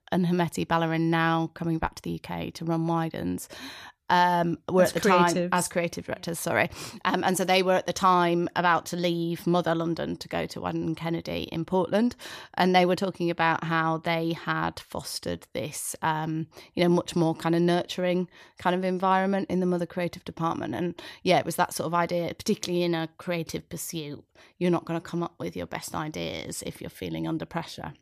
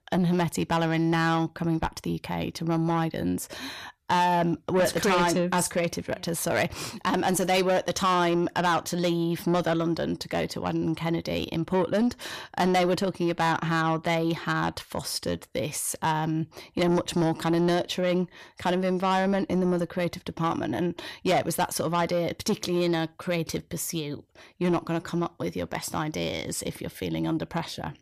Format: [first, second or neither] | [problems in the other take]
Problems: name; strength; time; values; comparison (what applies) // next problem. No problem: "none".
first | distortion; slight; 10 dB below the speech